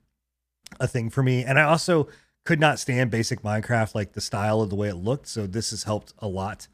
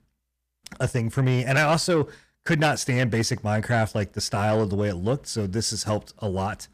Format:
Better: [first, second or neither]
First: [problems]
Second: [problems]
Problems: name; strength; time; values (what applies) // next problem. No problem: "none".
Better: first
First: none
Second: distortion; slight; 10 dB below the speech